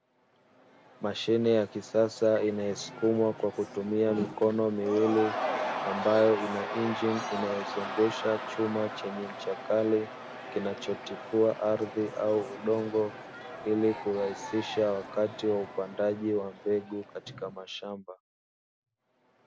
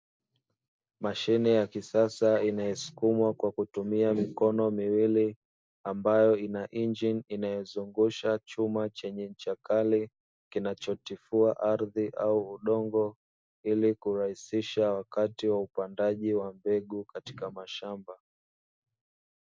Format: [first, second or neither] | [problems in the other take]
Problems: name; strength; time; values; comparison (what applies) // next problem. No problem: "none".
second | background sound (Crowd / Cheering); 10 dB below the speech